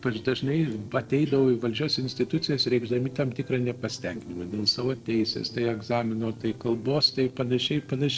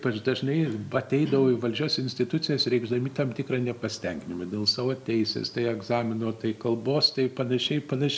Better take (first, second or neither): second